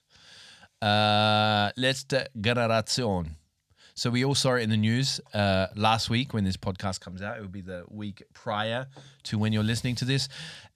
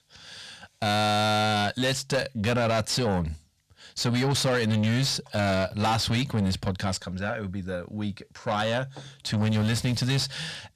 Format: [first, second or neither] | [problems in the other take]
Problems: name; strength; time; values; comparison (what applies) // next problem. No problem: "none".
first | distortion; heavy; 8 dB below the speech